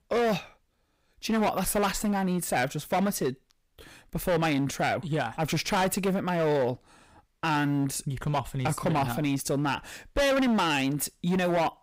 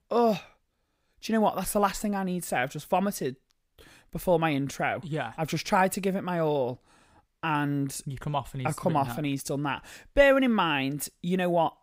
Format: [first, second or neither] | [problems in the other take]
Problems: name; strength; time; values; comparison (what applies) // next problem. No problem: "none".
second | distortion; heavy; 13% of the sound clipped